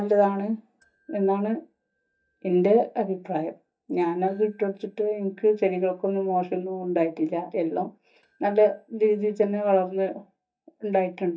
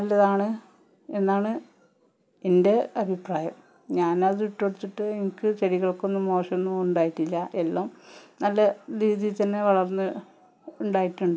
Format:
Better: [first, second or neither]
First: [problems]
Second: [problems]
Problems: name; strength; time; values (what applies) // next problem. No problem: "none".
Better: second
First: noise reduction (neural mask model DeepFilterNet 3)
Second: none